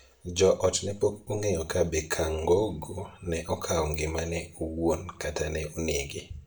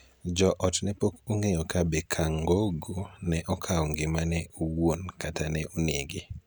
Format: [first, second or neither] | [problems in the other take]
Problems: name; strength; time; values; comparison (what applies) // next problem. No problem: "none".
second | room echo; dies away in 0.3 s